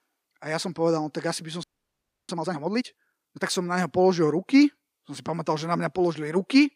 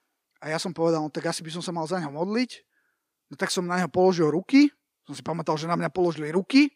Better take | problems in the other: second | audio freezing; at 1.5 s for 0.5 s

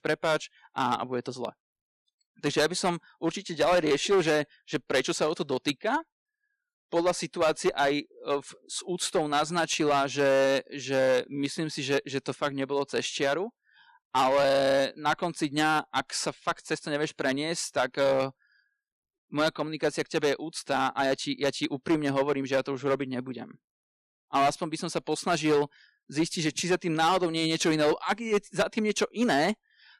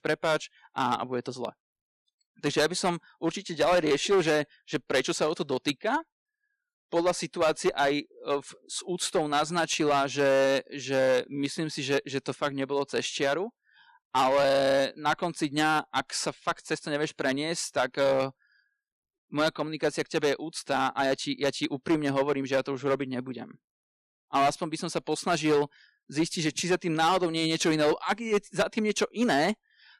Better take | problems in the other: neither | distortion; slight; 6% of the sound clipped; the same in both

